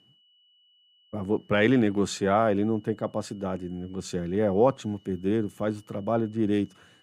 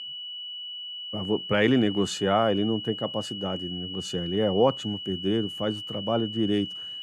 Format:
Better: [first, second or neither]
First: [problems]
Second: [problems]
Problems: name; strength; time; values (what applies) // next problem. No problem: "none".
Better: first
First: high-pitched whine; faint; throughout; 3 kHz, 35 dB below the speech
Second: high-pitched whine; loud; throughout; 3 kHz, 7 dB below the speech